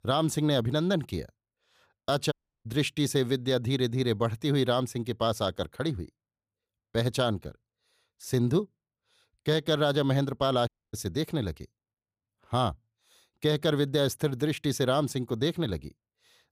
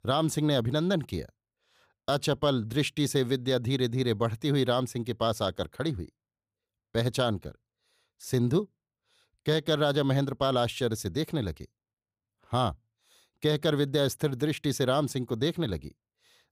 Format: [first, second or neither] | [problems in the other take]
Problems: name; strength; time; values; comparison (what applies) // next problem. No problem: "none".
second | audio cutting out; at 2.5 s and at 11 s